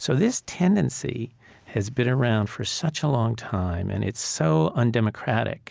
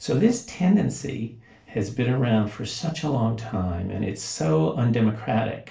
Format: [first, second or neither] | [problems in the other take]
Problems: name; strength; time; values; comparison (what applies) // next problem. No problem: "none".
first | room echo; dies away in 0.3 s